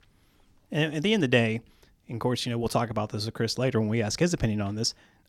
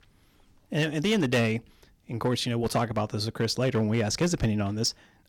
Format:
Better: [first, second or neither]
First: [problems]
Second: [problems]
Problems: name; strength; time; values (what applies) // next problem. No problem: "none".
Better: first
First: none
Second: distortion; slight; 5% of the sound clipped